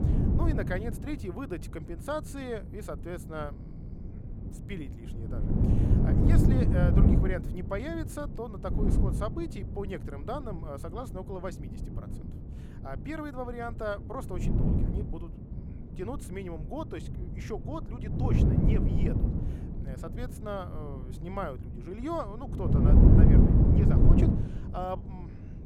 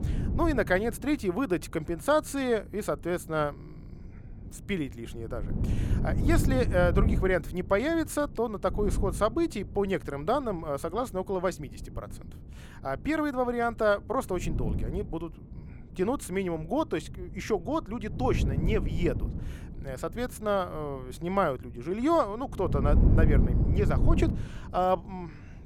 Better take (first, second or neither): second